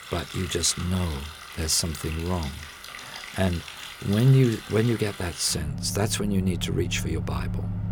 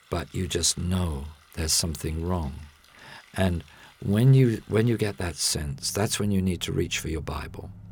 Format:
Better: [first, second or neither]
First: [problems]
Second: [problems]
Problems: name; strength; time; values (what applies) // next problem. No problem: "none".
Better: second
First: household noises; loud; throughout; 10 dB below the speech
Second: household noises; faint; throughout; 25 dB below the speech